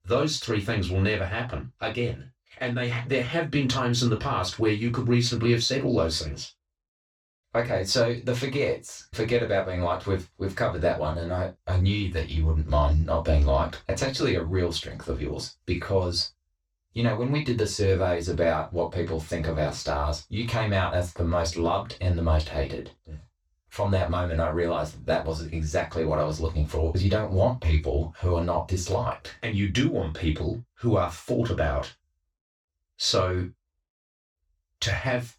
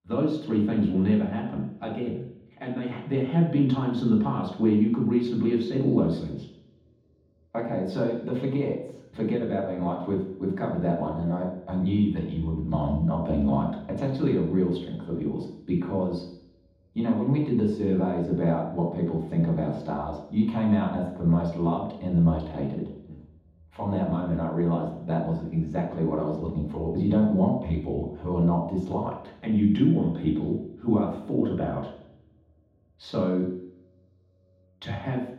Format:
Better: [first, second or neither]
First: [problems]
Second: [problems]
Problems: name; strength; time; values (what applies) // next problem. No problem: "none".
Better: first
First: room echo; slight; dies away in 0.2 s // off-mic speech; far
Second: room echo; strong; dies away in 0.9 s // off-mic speech; far